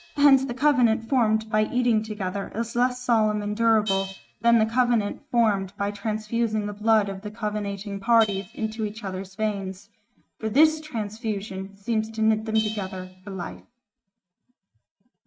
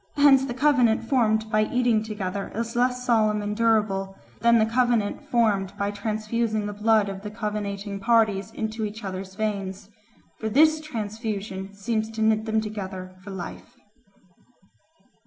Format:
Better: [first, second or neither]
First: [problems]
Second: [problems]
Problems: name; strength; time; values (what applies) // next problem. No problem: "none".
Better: second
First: noise reduction (neural mask model RNNoise)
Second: none